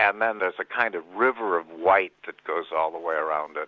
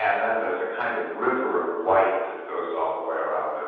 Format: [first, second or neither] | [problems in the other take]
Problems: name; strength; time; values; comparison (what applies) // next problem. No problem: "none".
first | room echo; dies away in 1.2 s